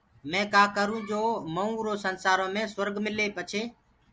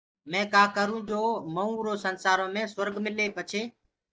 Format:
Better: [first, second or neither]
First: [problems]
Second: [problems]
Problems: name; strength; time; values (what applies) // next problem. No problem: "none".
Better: first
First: none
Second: noise reduction (neural mask model DeepFilterNet 3)